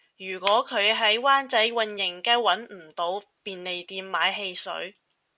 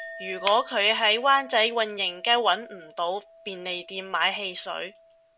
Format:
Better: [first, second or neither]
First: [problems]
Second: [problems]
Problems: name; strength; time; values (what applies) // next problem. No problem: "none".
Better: first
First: none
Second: background sound (Chink, clink); 20 dB below the speech